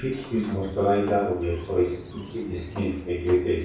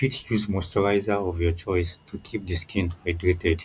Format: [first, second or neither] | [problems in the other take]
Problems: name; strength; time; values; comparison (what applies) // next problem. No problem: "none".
second | background sound (Sliding door); 16 dB below the speech // room echo; dies away in 0.7 s